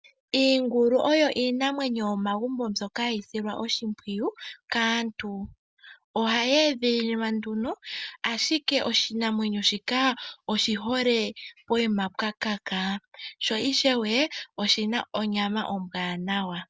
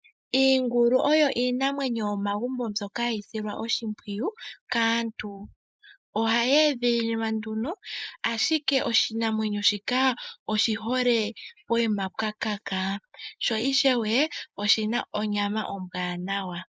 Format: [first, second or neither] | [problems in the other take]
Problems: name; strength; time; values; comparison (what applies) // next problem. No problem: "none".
first | noise reduction (neural mask model Resemble Enhance denoiser)